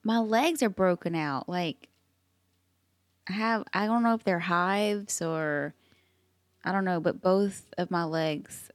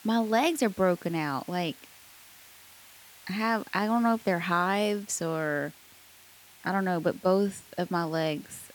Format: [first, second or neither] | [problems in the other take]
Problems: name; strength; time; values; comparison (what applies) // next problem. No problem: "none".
first | hiss; faint; throughout; 20 dB below the speech